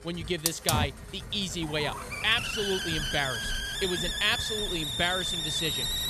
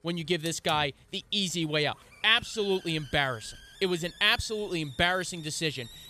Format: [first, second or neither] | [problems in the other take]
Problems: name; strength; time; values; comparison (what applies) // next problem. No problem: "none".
second | hiss; loud; throughout; as loud as the speech; faint in the second